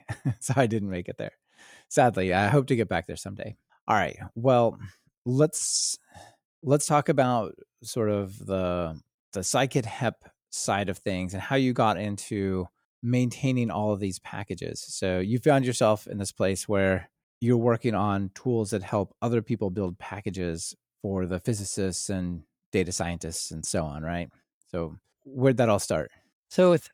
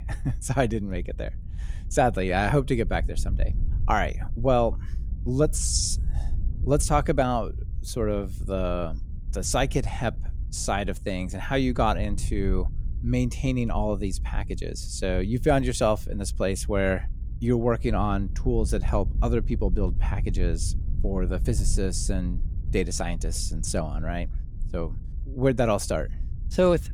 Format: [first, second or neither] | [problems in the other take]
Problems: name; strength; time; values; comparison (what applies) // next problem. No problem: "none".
first | low rumble; faint; throughout; 20 dB below the speech